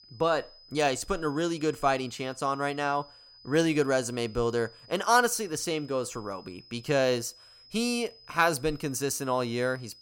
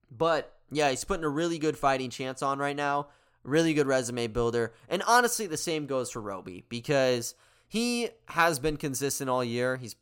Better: second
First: high-pitched whine; faint; throughout; 5 kHz, 25 dB below the speech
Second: none

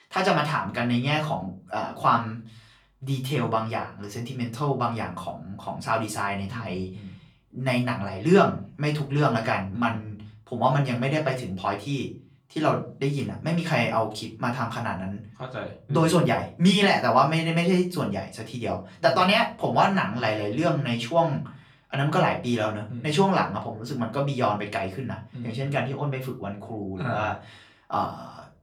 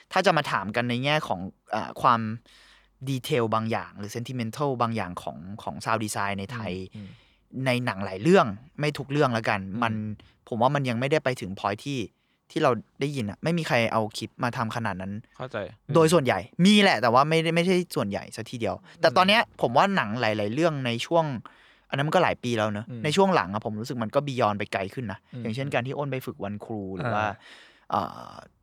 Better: second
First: off-mic speech; far // room echo; very slight; dies away in 0.3 s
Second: none

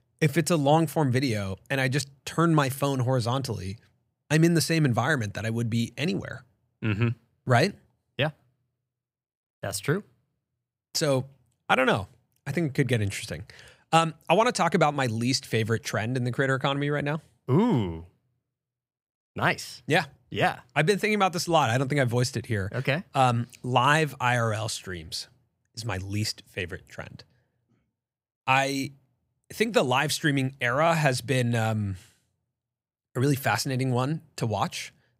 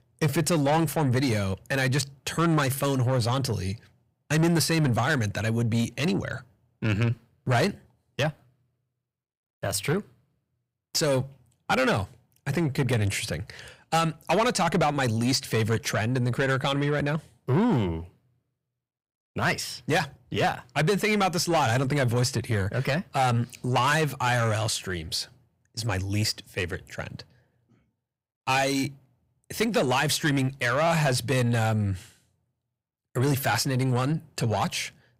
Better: first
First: none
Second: distortion; heavy; 8 dB below the speech

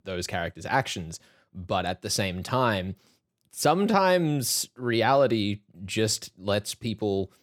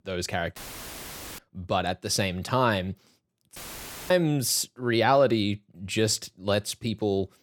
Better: first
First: none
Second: audio cutting out; filled with static; at 0.5 s for 1 s and at 3.5 s for 0.5 s

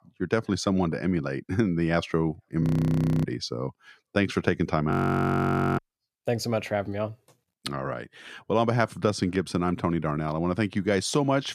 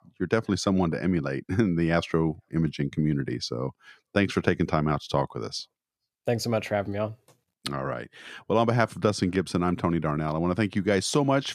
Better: second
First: audio freezing; at 2.5 s for 0.5 s and at 5 s for 1 s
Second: none

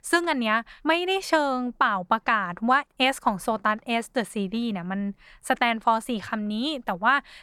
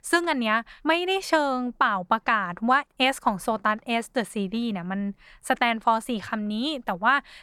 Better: neither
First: none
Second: none

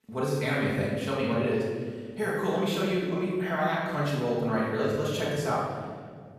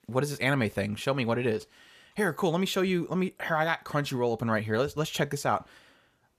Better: second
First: room echo; strong; dies away in 1.8 s // off-mic speech; far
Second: none

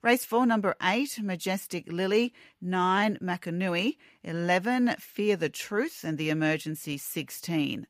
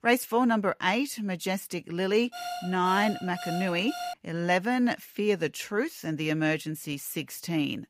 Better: first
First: none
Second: alarm; noticeable; from 2.5 to 4 s; peak 7 dB below the speech

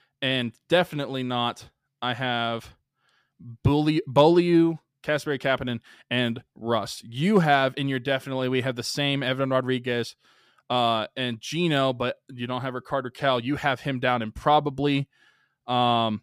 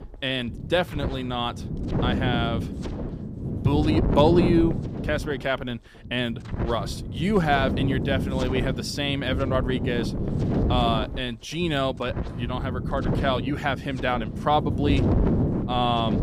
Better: first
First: none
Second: wind noise on the microphone; heavy; 7 dB below the speech

